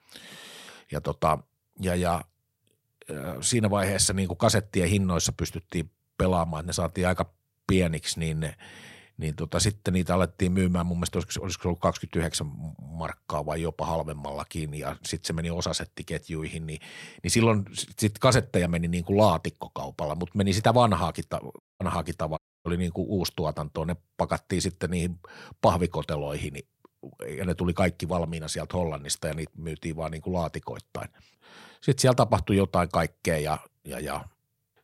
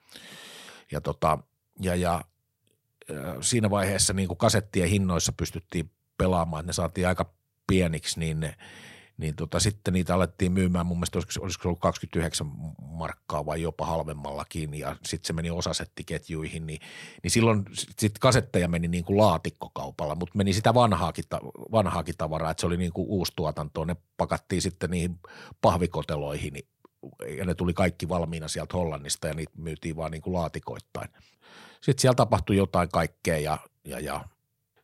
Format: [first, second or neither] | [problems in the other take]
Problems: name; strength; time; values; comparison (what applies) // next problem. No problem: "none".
second | audio cutting out; at 22 s